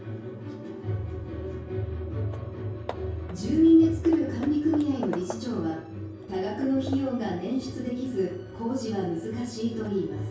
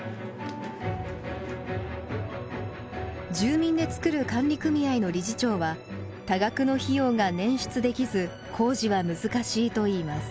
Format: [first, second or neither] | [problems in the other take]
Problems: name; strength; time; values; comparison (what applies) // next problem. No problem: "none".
second | background sound (Hammer / Wood); 19 dB below the speech // room echo; dies away in 0.6 s